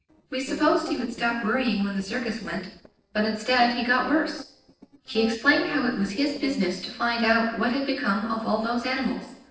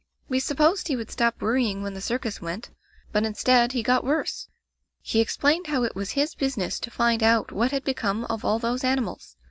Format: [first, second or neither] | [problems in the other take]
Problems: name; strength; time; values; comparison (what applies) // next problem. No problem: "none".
second | noise reduction (neural separator model SepFormer DNS4)